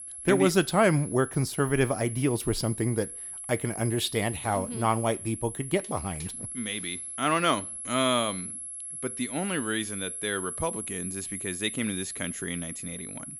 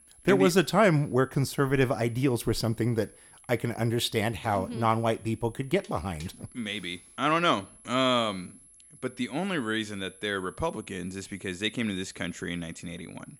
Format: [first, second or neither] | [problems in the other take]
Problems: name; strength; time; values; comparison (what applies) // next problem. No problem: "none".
second | high-pitched whine; loud; throughout; 11 kHz, 7 dB below the speech; faint in the second